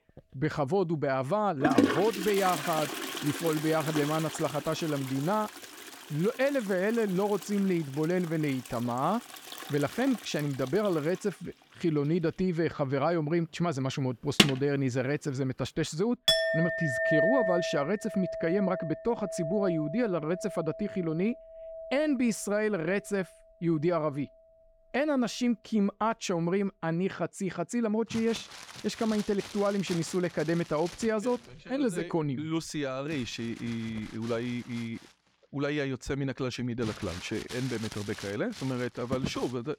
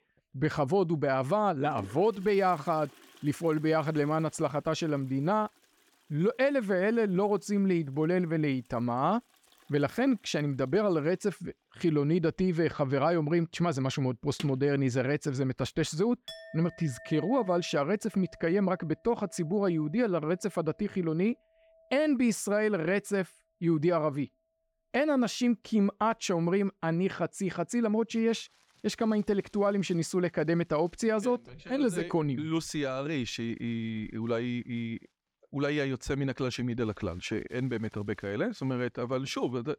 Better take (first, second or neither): second